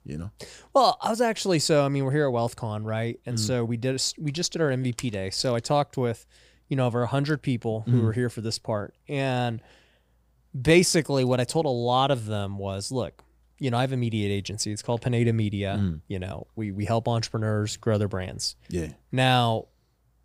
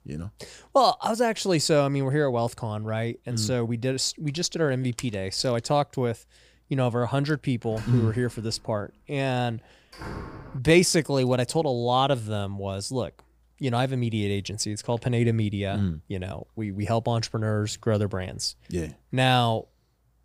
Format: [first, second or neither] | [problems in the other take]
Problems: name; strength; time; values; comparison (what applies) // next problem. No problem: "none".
first | door banging; faint; from 8 to 11 s; peak 10 dB below the speech